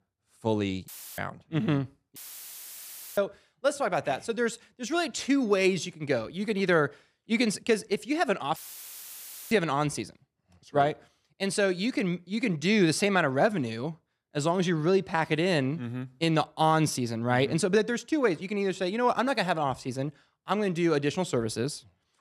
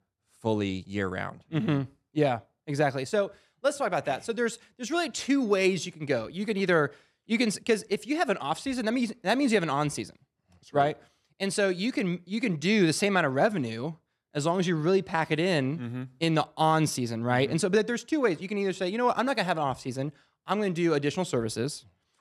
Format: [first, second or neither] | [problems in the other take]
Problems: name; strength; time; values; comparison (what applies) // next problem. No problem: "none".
second | audio cutting out; filled with static; at 1 s, at 2 s for 1 s and at 8.5 s for 1 s